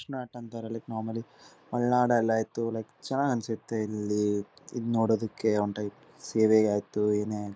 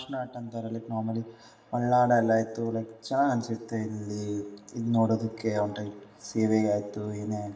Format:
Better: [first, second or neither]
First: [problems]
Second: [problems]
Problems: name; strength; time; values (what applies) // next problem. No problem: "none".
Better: first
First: none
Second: room echo; dies away in 0.8 s